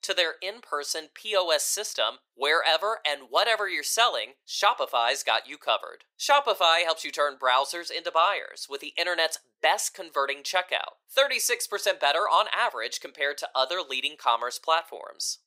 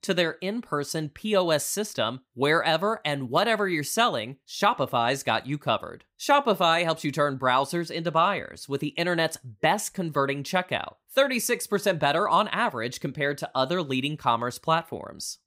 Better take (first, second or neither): second